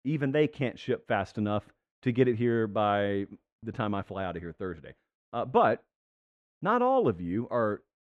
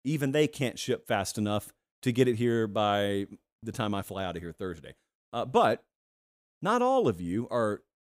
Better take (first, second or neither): second